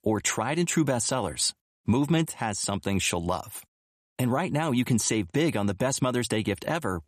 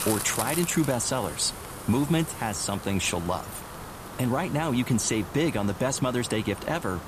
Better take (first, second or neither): first